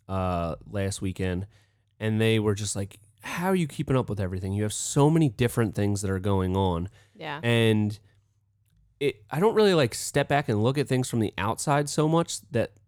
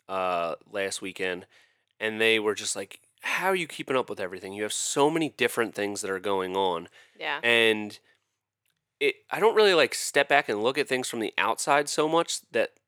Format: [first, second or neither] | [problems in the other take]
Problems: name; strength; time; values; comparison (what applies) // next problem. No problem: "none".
first | thin; very; fading below 450 Hz